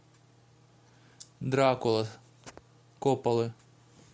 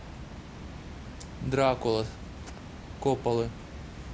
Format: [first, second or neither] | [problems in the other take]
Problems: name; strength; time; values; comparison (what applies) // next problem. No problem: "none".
first | background sound (Water); 10 dB below the speech